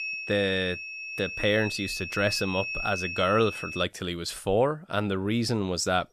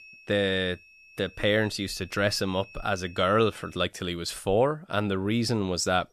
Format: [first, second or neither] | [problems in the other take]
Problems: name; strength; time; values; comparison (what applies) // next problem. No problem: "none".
second | high-pitched whine; loud; until 4 s; 2.5 kHz, 6 dB below the speech; faint in the second